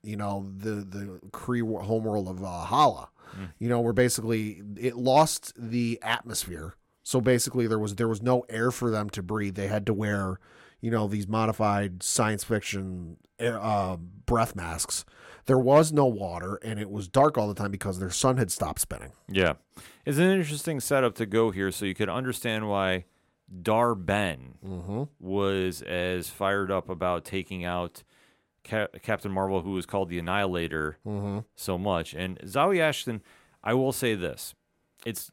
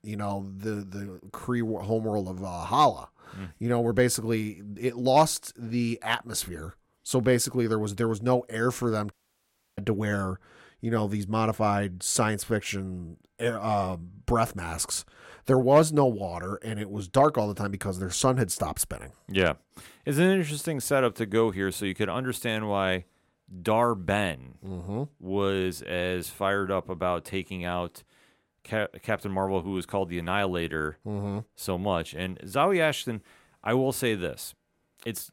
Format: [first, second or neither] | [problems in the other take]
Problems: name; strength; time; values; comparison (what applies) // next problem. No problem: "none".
first | audio cutting out; at 9 s for 0.5 s